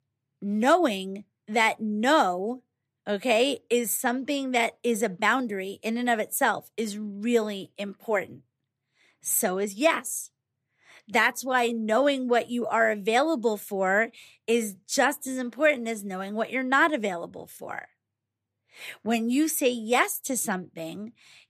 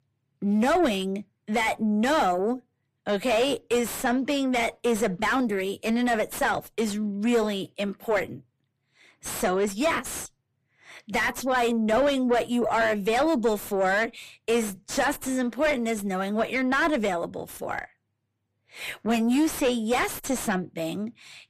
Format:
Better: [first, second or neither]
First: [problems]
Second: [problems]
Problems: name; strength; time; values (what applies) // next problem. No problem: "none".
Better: first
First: none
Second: distortion; heavy; 5 dB below the speech